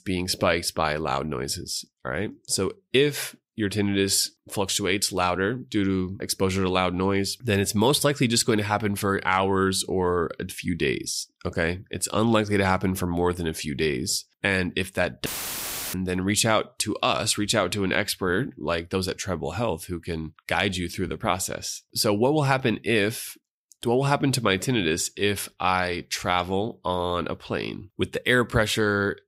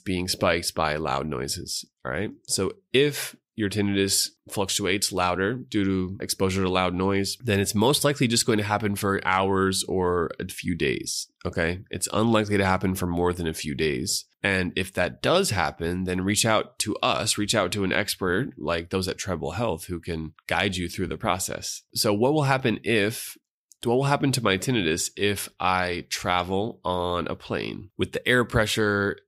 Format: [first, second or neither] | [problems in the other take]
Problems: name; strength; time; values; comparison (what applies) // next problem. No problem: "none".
second | audio cutting out; filled with static; at 15 s for 0.5 s